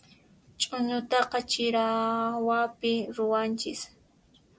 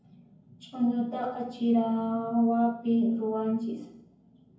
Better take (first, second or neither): first